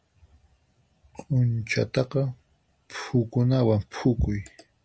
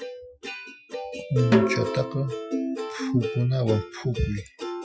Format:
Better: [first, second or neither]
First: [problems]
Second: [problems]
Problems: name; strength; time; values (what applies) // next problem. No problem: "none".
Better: first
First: none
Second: noise reduction (classical method Wiener filter)